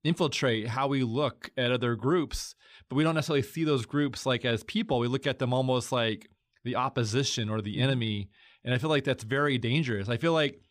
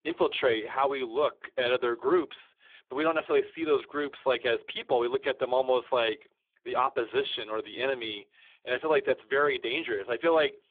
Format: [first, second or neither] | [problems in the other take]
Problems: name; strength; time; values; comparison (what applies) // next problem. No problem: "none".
first | phone-call audio; poor line; nothing above 3.5 kHz